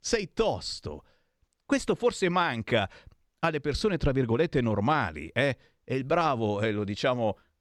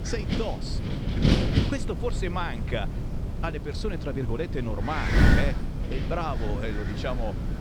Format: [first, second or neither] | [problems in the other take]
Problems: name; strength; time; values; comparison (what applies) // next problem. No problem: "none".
first | wind noise on the microphone; heavy; 1 dB below the speech